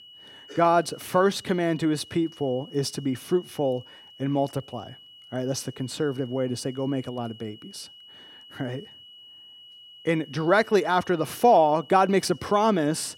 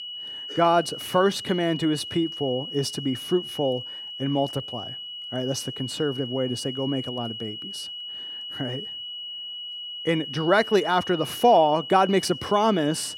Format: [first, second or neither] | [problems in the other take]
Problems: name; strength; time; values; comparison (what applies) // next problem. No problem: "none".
first | high-pitched whine; loud; throughout; 3 kHz, 9 dB below the speech; faint in the first